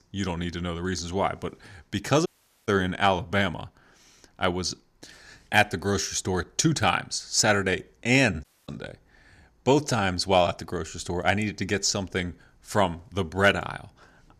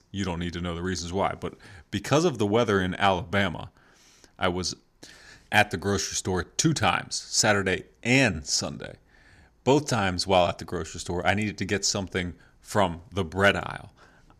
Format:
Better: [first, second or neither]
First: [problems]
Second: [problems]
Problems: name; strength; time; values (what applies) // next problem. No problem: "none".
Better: second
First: audio cutting out; at 2.5 s and at 8.5 s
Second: none